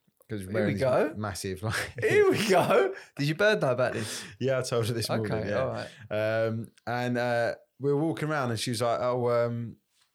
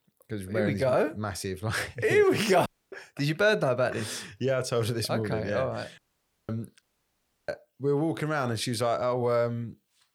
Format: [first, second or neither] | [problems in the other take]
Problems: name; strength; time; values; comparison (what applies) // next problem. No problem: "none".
first | audio cutting out; at 2.5 s, at 6 s for 0.5 s and at 7 s for 0.5 s